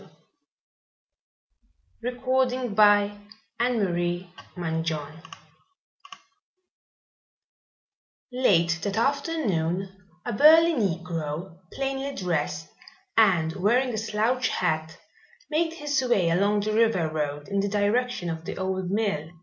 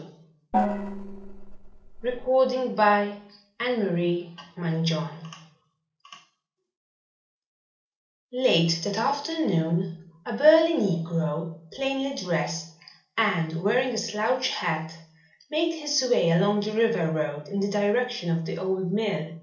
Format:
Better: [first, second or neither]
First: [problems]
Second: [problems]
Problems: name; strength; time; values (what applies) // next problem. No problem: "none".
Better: first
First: none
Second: noise reduction (neural separator model SepFormer DNS4)